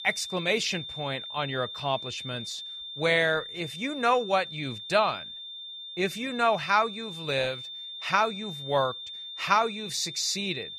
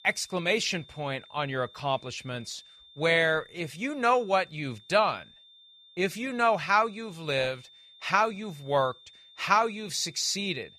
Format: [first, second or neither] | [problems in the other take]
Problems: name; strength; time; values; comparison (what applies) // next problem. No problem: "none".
second | high-pitched whine; loud; throughout; 3.5 kHz, 9 dB below the speech; faint in the second